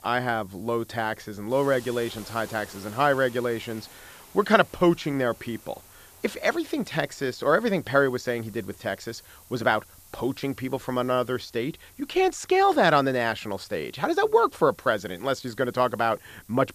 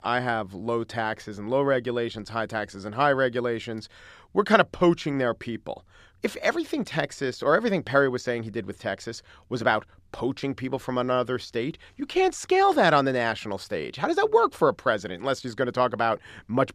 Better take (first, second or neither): second